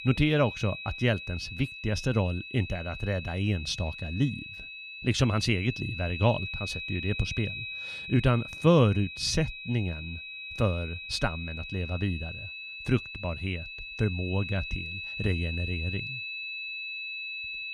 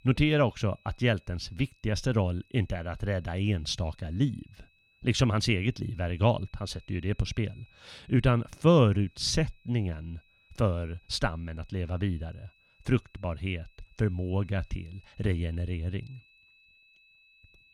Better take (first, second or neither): second